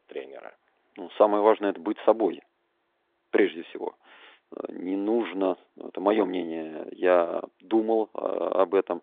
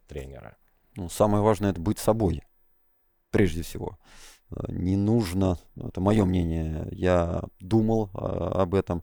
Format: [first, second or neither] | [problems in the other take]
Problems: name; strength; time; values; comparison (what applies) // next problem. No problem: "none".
second | phone-call audio